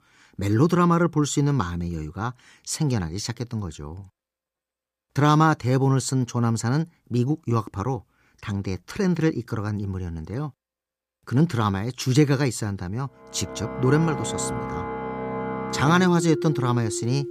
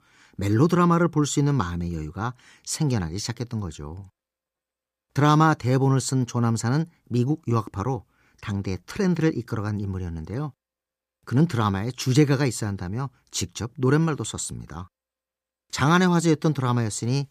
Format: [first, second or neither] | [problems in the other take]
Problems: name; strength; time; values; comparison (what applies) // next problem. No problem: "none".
second | background music; loud; from 14 s on; 7 dB below the speech